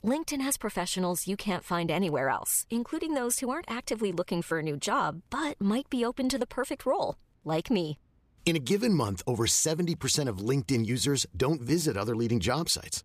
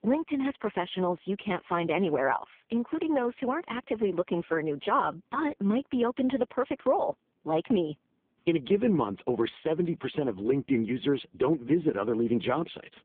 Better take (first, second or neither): first